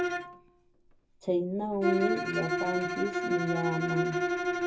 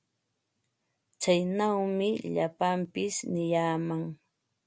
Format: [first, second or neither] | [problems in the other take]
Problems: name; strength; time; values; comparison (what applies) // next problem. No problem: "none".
second | background sound (Bowed string instrument); 2 dB above the speech // room echo; dies away in 0.4 s